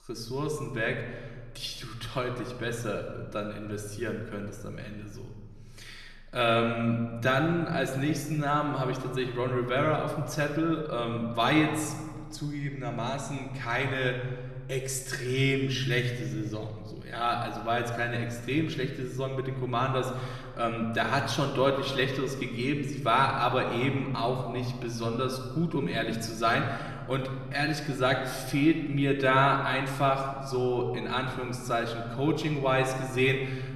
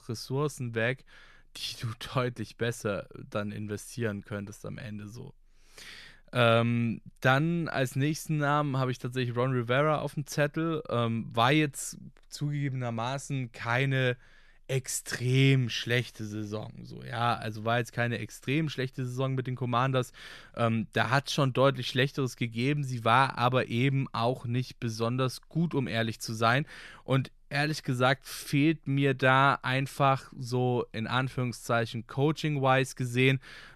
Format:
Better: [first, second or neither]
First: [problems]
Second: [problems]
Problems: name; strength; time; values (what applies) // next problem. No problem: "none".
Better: second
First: room echo; slight; dies away in 1.3 s // off-mic speech; somewhat distant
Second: none